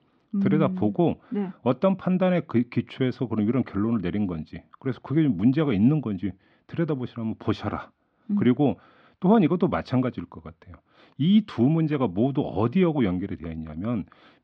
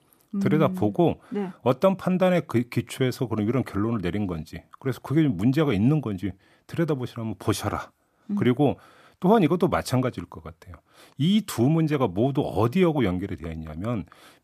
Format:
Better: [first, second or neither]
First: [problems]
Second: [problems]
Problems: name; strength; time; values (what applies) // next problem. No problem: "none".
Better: second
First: muffled; slightly; fading above 4 kHz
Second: none